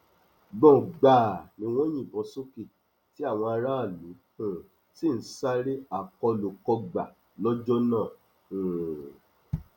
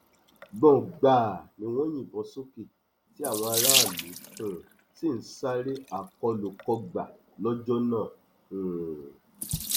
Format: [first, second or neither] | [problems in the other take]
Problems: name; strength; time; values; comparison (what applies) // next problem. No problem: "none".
first | background sound (Sink (filling or washing) / Water tap, faucet); 5 dB below the speech